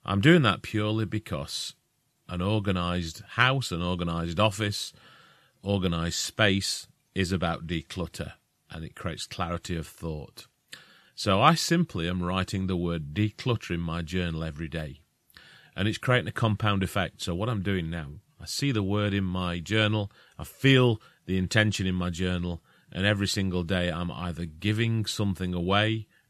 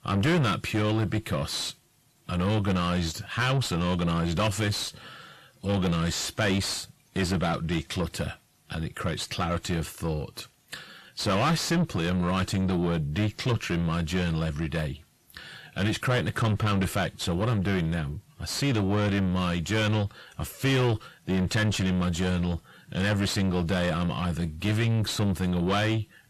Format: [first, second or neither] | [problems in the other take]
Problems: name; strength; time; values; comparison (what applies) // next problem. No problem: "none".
first | distortion; heavy; 5 dB below the speech